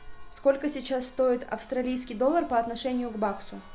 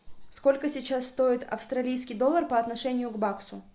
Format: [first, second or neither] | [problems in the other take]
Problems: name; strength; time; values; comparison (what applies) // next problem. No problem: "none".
second | background sound (Church bell); 19 dB below the speech